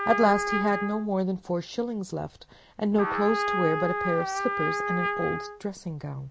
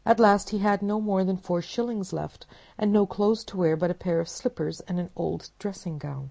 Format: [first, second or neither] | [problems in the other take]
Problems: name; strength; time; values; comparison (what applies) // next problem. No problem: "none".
second | background sound (Trumpet); 3 dB below the speech